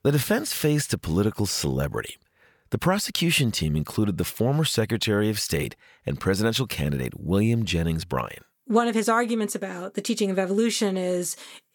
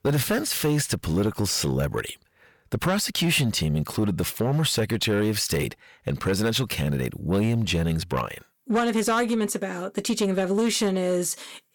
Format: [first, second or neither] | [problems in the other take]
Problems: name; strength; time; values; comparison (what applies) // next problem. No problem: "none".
first | distortion; slight; 10 dB below the speech